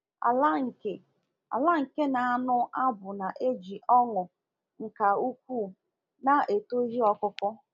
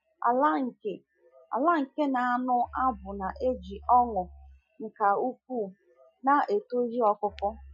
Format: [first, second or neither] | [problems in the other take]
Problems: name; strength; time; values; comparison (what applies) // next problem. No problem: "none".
first | noise reduction (classical method Wiener filter)